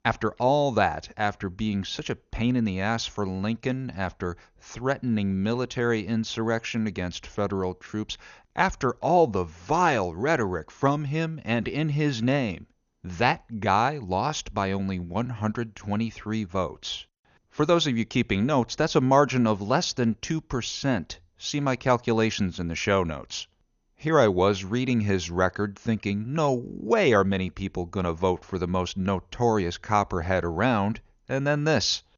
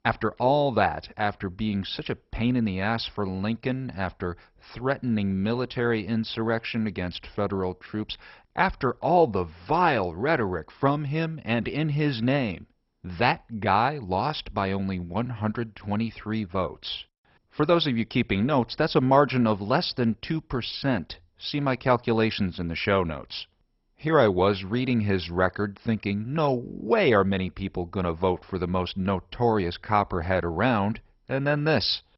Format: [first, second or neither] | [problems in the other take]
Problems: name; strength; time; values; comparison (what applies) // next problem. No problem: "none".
first | garbled, watery; badly; nothing above 5.5 kHz; slightly in the first